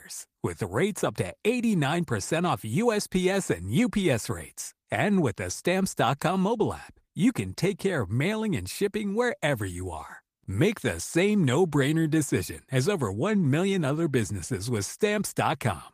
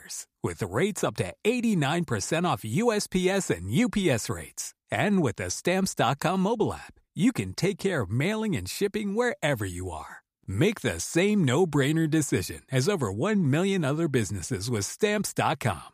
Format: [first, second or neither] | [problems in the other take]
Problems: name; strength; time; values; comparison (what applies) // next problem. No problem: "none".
second | garbled, watery; slightly; nothing above 15 kHz